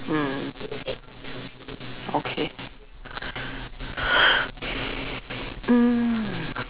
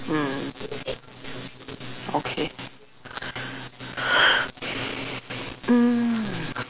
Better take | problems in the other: second | background sound (Bird); 15 dB below the speech

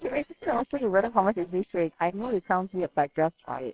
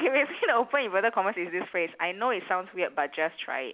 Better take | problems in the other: second | noise reduction (neural separator model SepFormer WHAMR!)

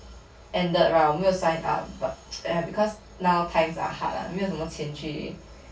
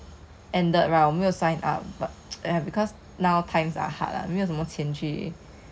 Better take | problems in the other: second | room echo; dies away in 0.2 s

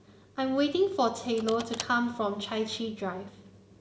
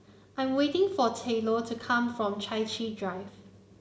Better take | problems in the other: second | background sound (Car); 16 dB below the speech

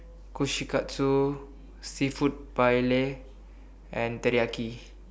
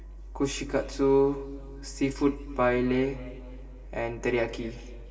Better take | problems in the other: first | room echo; dies away in 2.5 s

